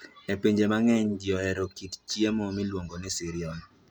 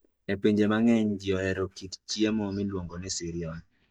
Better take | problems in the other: first | noise reduction (neural mask model DeepFilterNet 3)

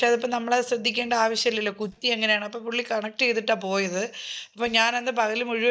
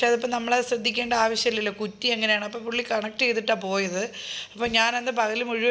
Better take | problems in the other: second | noise reduction (neural mask model DeepFilterNet 3)

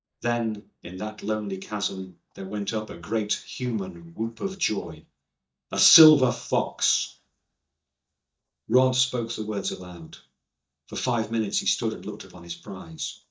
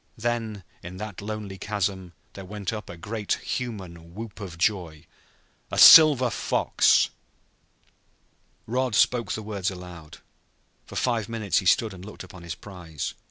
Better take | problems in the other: second | noise reduction (neural mask model DeepFilterNet 3)

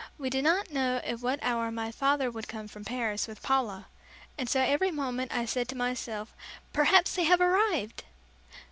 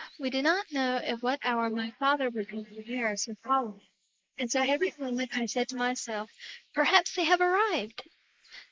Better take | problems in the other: first | noise reduction (neural mask model Resemble Enhance denoiser)

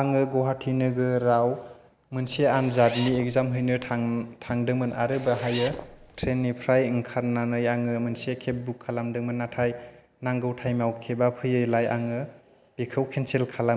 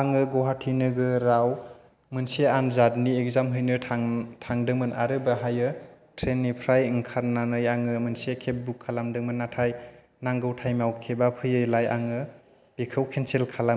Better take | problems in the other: second | background sound (Zipper (clothing)); 15 dB below the speech

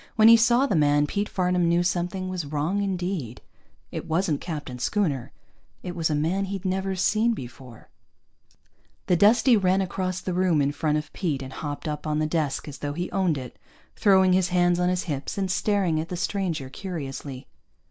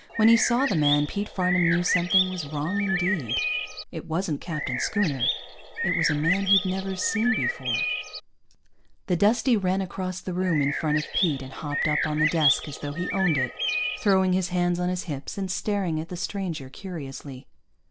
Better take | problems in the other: first | background sound (Bird); 2 dB below the speech

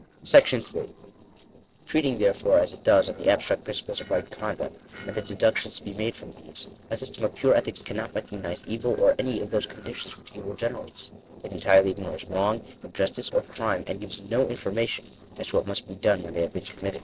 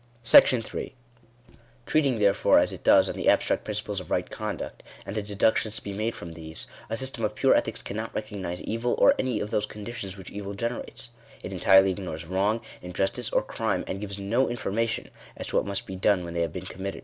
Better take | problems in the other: second | noise reduction (neural separator model SepFormer DNS4)

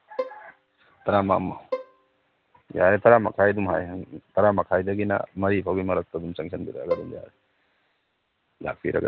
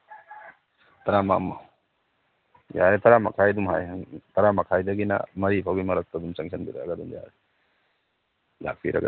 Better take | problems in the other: second | background sound (Bowed string instrument); 13 dB below the speech

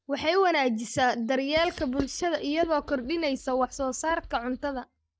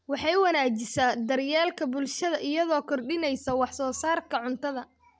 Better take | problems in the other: second | noise reduction (neural mask model DeepFilterNet 3)

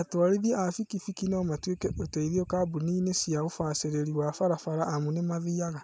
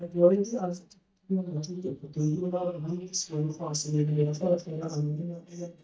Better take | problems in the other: first | noise reduction (neural mask model DeepFilterNet 3)

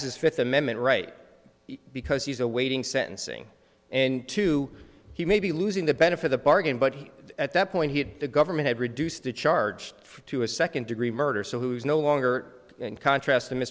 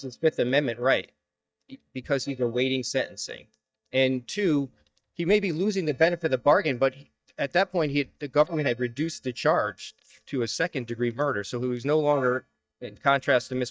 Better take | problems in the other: first | noise reduction (neural mask model DeepFilterNet 3)

